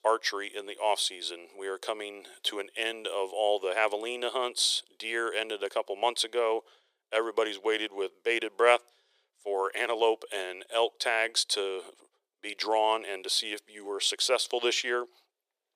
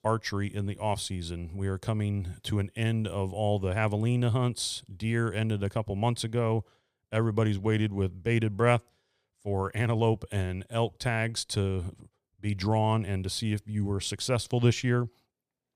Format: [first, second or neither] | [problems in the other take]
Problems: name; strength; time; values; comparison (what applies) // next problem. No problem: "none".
second | thin; very; fading below 400 Hz